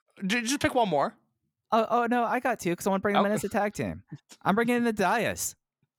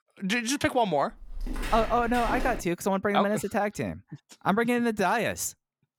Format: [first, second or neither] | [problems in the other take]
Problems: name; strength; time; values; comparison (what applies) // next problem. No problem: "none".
first | footsteps; noticeable; from 1 to 2.5 s; peak 6 dB below the speech